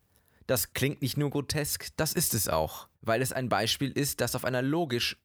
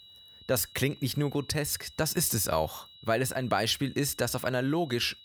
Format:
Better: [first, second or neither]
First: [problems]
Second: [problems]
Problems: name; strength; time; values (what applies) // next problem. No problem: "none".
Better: first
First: none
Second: high-pitched whine; faint; throughout; 4 kHz, 20 dB below the speech